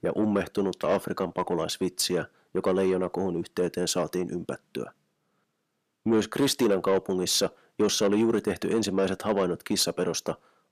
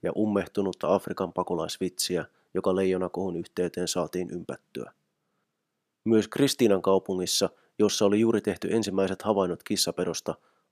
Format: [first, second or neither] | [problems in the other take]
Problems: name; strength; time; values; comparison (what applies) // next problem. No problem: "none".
second | distortion; slight; 10 dB below the speech